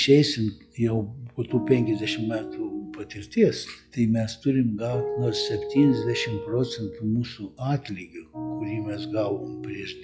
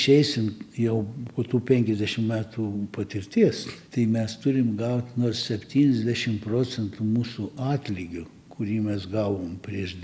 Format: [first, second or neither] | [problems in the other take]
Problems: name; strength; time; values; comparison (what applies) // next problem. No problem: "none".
second | noise reduction (classical method log-MMSE)